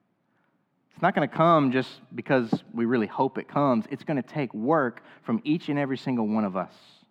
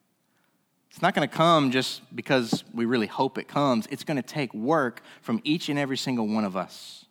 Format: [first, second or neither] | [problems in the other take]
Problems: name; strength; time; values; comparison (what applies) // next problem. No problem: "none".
second | muffled; slightly; fading above 3.5 kHz